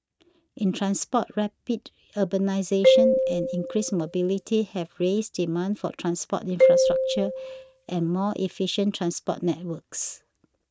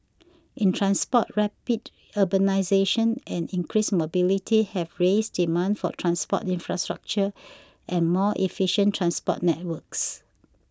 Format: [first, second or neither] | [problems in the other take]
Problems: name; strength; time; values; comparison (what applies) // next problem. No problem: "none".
second | noise reduction (neural mask model RNNoise)